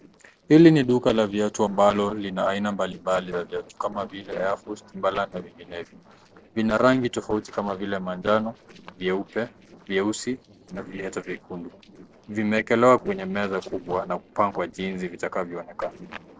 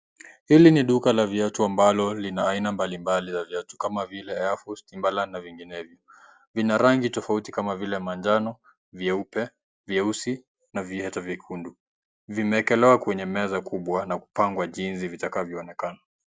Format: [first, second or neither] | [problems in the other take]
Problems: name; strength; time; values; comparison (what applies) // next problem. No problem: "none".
second | noise reduction (neural separator model SepFormer DNS4)